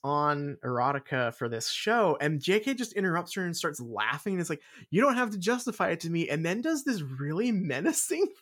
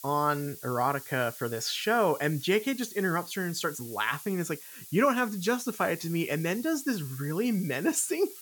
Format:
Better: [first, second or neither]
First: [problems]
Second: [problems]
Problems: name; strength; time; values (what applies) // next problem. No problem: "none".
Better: first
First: none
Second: hiss; noticeable; throughout; 15 dB below the speech